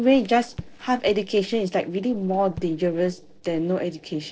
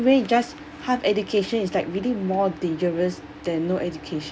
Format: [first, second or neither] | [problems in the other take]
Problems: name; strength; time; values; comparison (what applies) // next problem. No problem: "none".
second | noise reduction (neural separator model SepFormer DNS4)